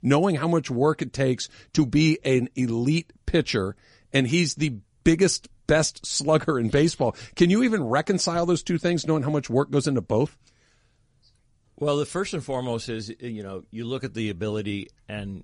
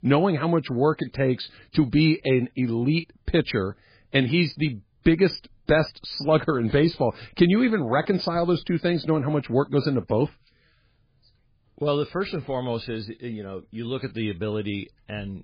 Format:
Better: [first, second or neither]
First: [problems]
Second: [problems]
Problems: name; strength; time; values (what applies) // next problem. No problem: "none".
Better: first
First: garbled, watery; slightly; nothing above 10.5 kHz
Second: garbled, watery; badly